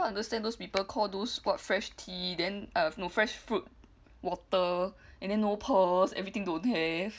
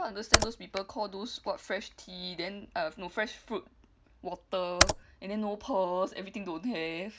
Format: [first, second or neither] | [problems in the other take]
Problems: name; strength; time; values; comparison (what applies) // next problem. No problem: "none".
first | background sound (Computer keyboard); 4 dB above the speech